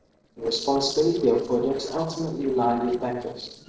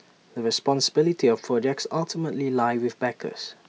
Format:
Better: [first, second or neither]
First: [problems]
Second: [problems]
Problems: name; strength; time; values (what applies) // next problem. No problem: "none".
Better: second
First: noise reduction (neural separator model SepFormer DNS4)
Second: none